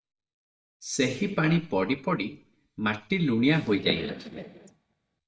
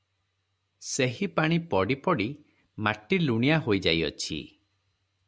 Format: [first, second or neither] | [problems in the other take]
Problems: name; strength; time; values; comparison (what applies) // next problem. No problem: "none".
second | noise reduction (neural mask model DeepFilterNet 3)